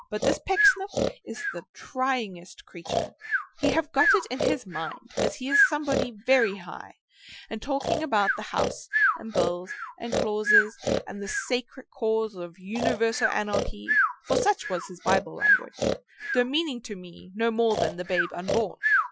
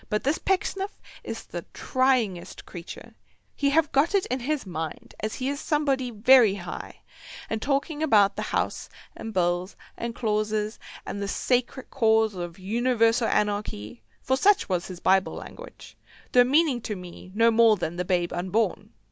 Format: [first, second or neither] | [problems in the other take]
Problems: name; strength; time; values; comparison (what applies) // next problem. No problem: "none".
second | noise reduction (classical method Wiener filter)